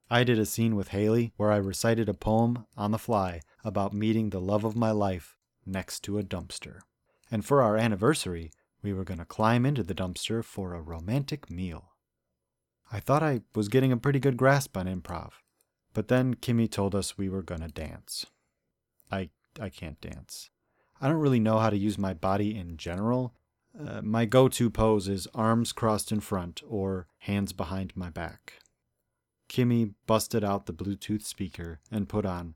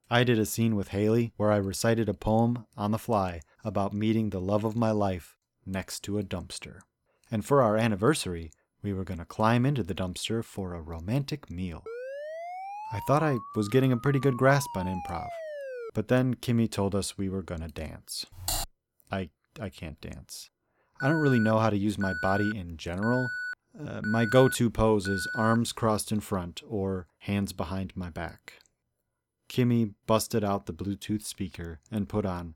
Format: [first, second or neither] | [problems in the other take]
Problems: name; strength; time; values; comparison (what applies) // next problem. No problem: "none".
first | siren; noticeable; from 12 to 16 s; peak 10 dB below the speech // keyboard typing; noticeable; at 18 s; peak 3 dB below the speech // alarm; noticeable; from 21 to 26 s; peak 4 dB below the speech